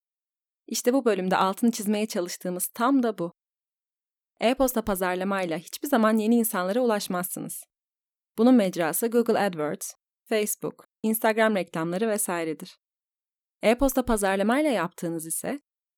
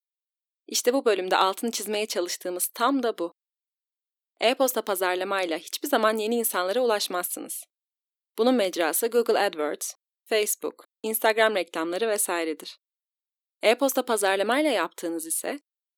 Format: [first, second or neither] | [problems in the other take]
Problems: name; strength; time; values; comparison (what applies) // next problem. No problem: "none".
first | thin; somewhat; fading below 300 Hz